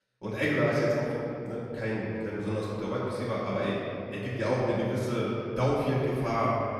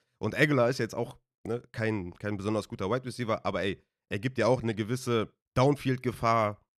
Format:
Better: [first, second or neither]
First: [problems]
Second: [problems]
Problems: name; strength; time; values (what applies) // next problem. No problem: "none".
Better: second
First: off-mic speech; far // room echo; strong; dies away in 2.6 s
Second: none